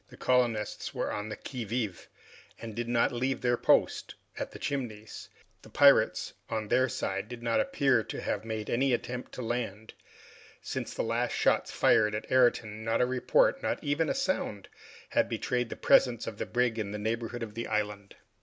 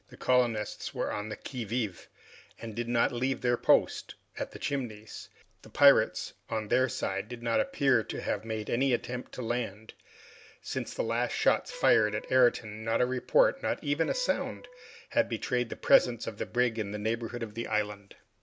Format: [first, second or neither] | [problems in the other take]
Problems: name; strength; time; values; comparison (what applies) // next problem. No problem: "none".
first | background sound (Wind instrument, woodwind instrument + Wind instrument, woodwind instrument); 20 dB below the speech